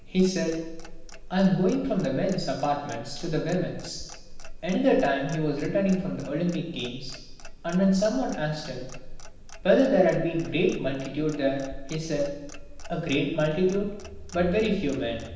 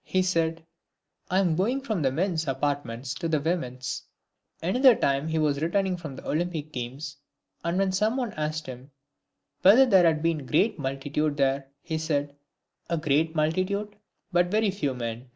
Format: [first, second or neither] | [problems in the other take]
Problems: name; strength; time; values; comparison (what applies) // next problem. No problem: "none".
second | background sound (Clock); 12 dB below the speech // room echo; dies away in 0.9 s